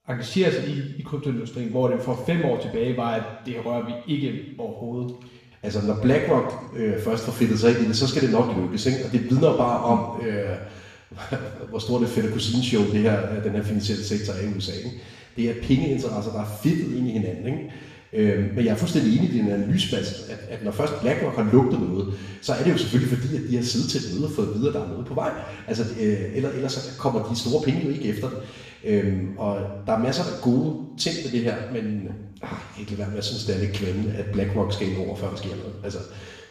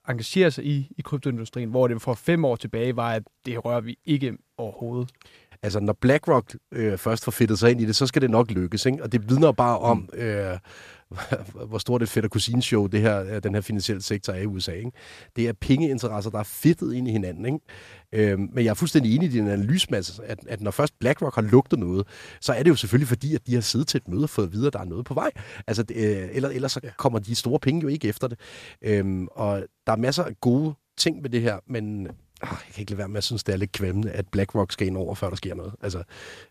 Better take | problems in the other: second | room echo; noticeable; dies away in 1 s // off-mic speech; far

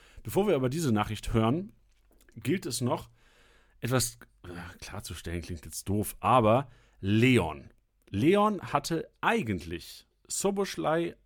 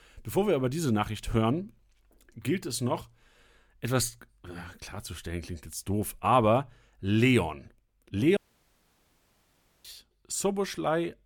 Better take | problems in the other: first | audio cutting out; at 8.5 s for 1.5 s

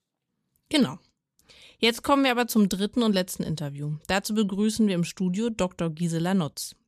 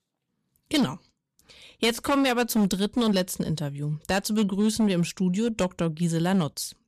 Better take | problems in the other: first | distortion; slight; 7% of the sound clipped

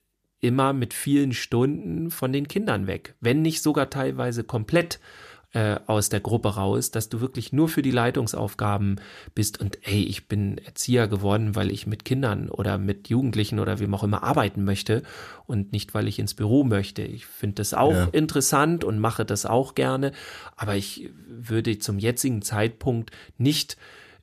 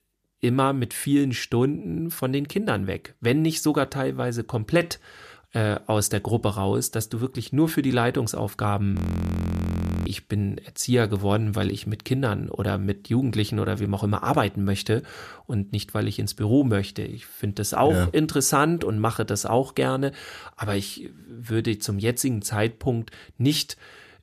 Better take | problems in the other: first | audio freezing; at 9 s for 1 s

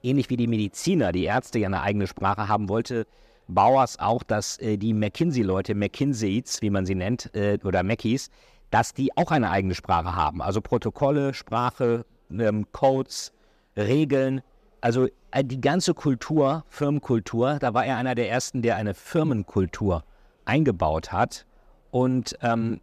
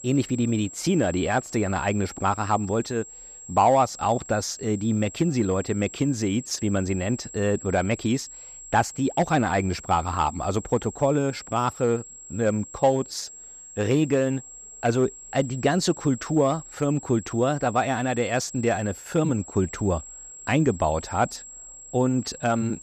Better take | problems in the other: first | high-pitched whine; noticeable; throughout; 7.5 kHz, 15 dB below the speech

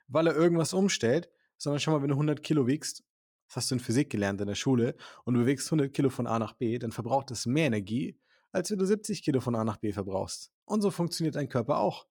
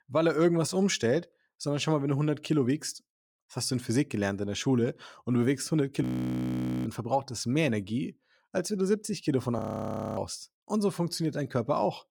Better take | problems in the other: first | audio freezing; at 6 s for 1 s and at 9.5 s for 0.5 s

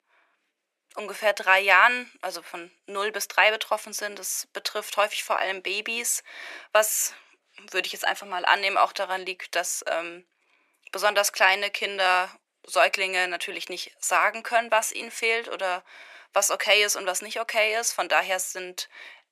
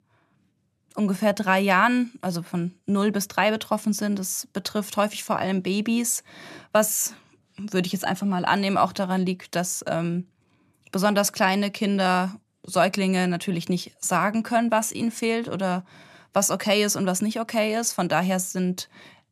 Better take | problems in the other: second | thin; very; fading below 400 Hz

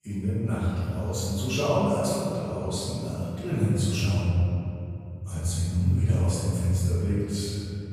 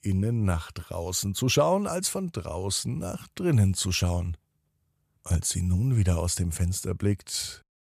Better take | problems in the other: second | off-mic speech; far // room echo; strong; dies away in 3 s

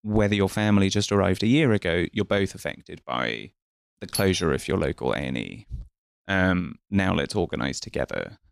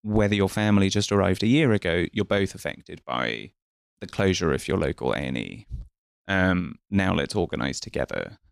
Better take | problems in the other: second | doorbell; noticeable; at 4 s; peak 7 dB below the speech

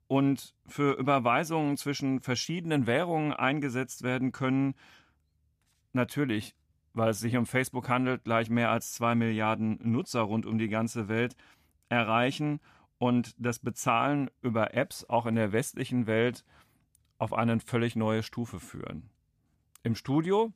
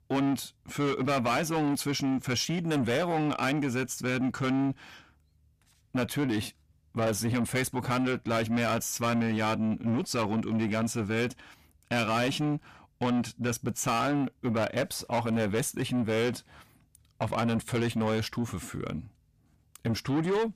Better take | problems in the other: first | distortion; heavy; 7 dB below the speech

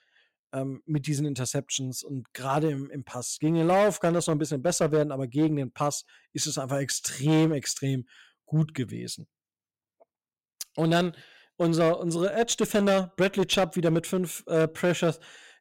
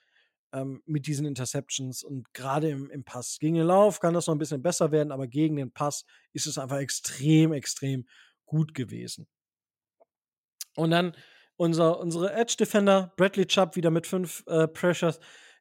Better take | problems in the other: second | distortion; slight; 5% of the sound clipped

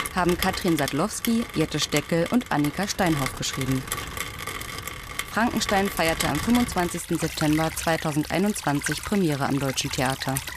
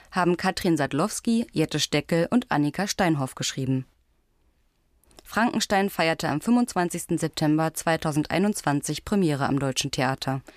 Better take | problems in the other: second | rain or running water; loud; throughout; 7 dB below the speech

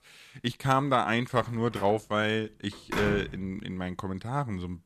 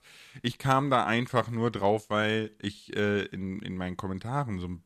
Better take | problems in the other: second | door banging; noticeable; from 1.5 to 3.5 s; peak 3 dB below the speech

